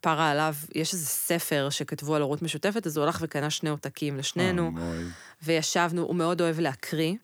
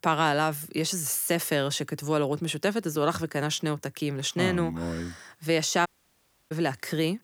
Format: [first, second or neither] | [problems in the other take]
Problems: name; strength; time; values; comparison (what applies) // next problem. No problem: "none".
first | audio cutting out; at 6 s for 0.5 s